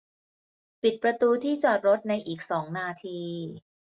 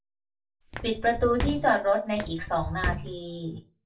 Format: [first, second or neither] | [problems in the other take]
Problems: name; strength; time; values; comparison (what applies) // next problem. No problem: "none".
first | background sound (Walk, footsteps); 6 dB below the speech // room echo; dies away in 0.2 s